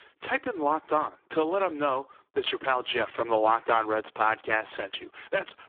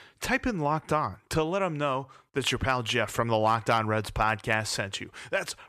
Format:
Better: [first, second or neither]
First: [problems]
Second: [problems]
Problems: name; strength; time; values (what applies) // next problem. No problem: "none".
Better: second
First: phone-call audio; poor line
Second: none